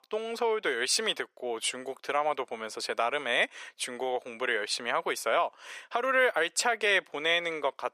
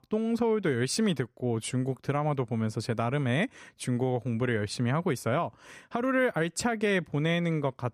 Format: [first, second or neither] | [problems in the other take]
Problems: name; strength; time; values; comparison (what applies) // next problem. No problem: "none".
second | thin; very; fading below 500 Hz